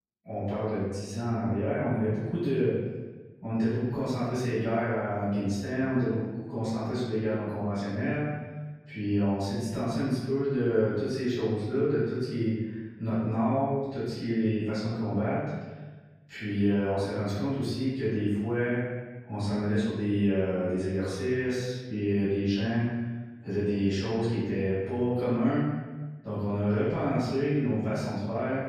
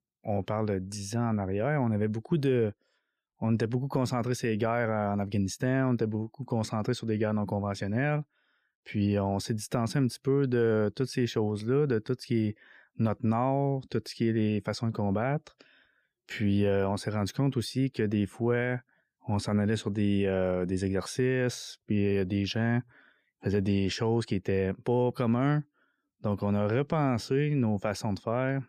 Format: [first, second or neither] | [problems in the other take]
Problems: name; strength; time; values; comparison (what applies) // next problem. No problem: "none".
second | off-mic speech; far // room echo; strong; dies away in 1.3 s